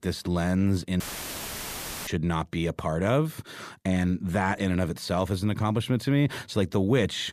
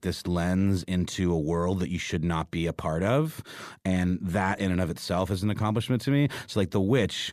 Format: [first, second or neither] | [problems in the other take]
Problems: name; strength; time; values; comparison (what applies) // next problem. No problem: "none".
second | audio cutting out; filled with static; at 1 s for 1 s